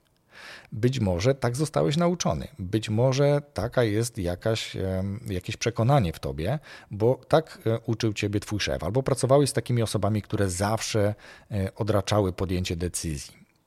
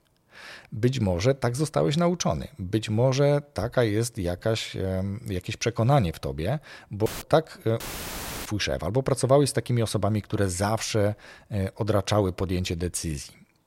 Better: first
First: none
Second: audio cutting out; filled with static; at 7 s and at 8 s for 0.5 s

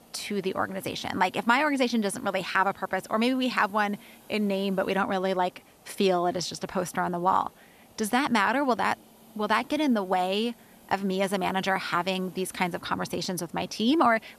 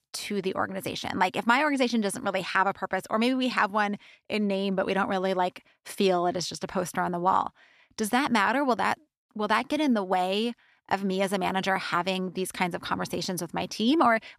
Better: second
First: hiss; faint; throughout; 25 dB below the speech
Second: none

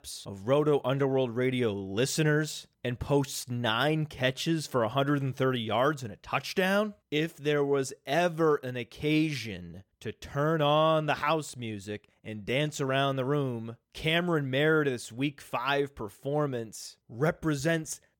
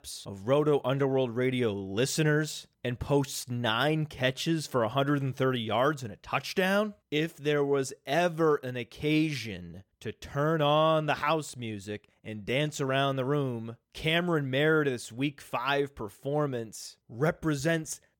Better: neither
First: none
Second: none

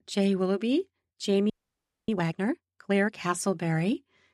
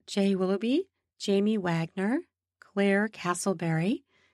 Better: second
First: audio freezing; at 1.5 s for 0.5 s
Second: none

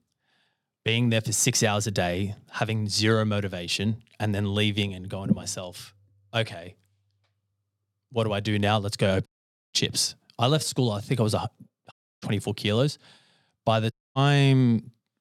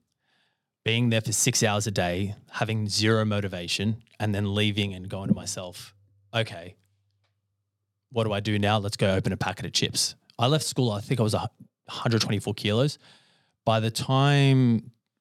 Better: second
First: audio cutting out; at 9.5 s, at 12 s and at 14 s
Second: none

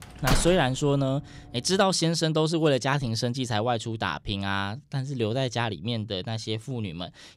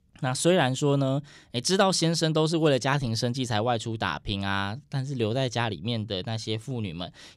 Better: second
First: door banging; noticeable; at the start; peak 1 dB below the speech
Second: none

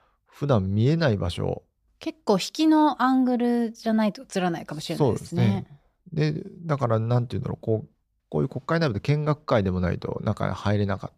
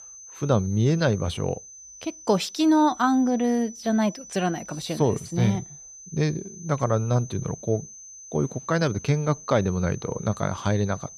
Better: first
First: none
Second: high-pitched whine; noticeable; throughout; 6 kHz, 15 dB below the speech

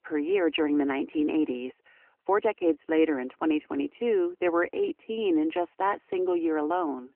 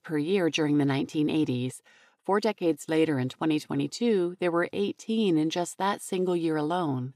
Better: second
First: phone-call audio; nothing above 3 kHz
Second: none

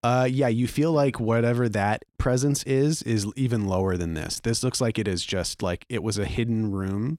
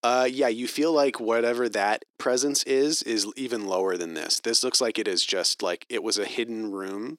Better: first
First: none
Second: thin; somewhat; fading below 300 Hz

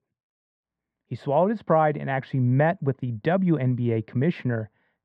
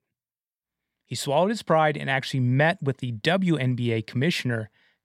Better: second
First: muffled; very; fading above 4 kHz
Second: none

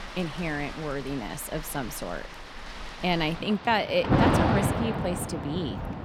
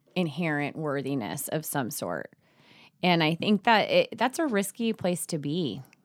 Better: second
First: rain or running water; very loud; throughout; as loud as the speech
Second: none

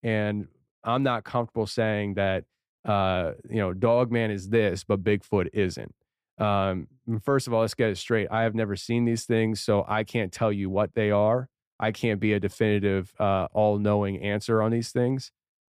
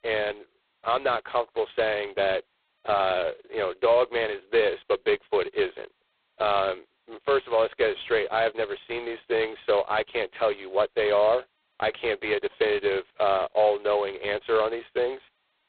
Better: first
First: none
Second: phone-call audio; poor line; nothing above 4 kHz

